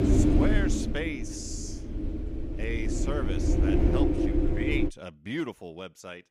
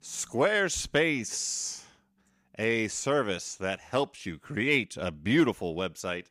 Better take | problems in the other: second | wind noise on the microphone; heavy; until 5 s; 3 dB above the speech

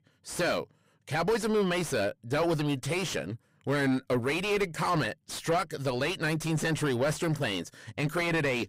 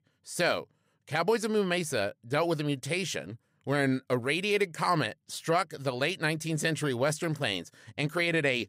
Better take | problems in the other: second | distortion; heavy; 6 dB below the speech

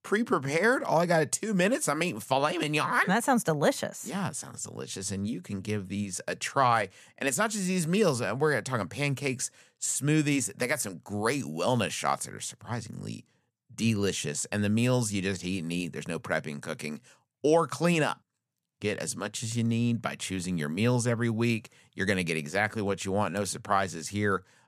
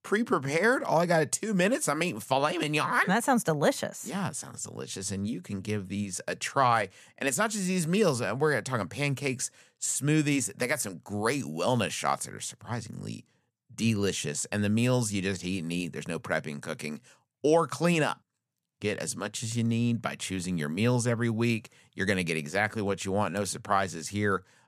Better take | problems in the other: neither | none

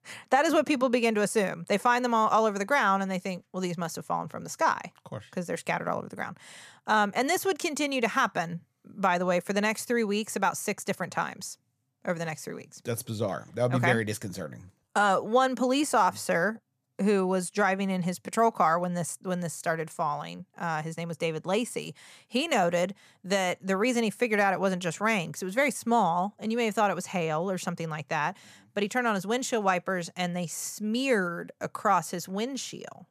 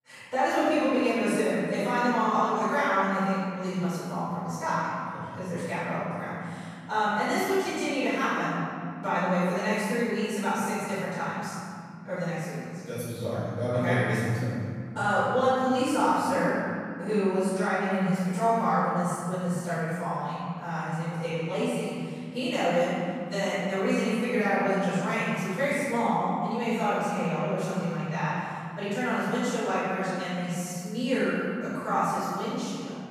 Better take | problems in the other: first | room echo; strong; dies away in 3 s // off-mic speech; far

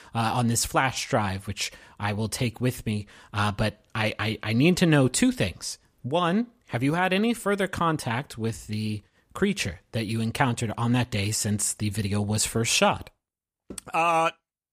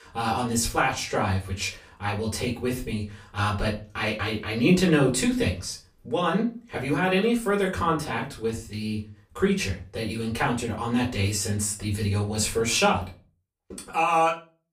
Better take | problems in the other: first | off-mic speech; far // room echo; very slight; dies away in 0.3 s

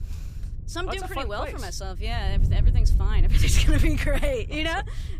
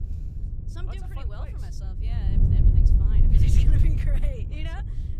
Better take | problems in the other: first | wind noise on the microphone; heavy; 3 dB above the speech; occasional gusts in the first

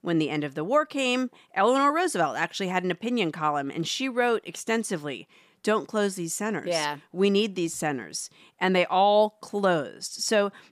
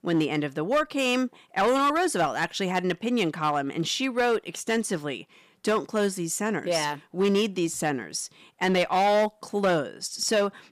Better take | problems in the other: first | distortion; slight; 6% of the sound clipped

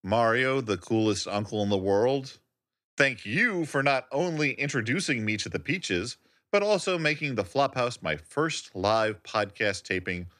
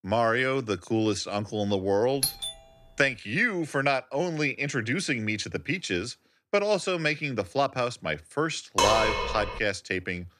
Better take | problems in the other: first | doorbell; noticeable; at 2 s; peak level with the speech // clattering dishes; loud; at 9 s; peak 4 dB above the speech

